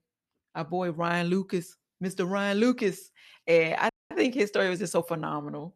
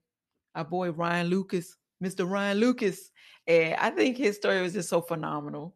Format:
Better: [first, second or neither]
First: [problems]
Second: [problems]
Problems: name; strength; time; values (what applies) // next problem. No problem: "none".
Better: second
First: audio freezing; at 4 s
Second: none